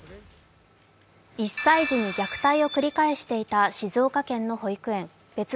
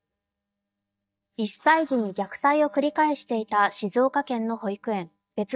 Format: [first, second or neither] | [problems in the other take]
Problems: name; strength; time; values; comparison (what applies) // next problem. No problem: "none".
first | noise reduction (neural mask model DeepFilterNet 3)